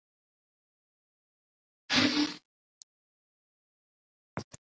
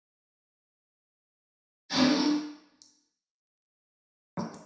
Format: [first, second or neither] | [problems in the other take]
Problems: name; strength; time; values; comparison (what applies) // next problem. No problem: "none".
first | room echo; dies away in 0.7 s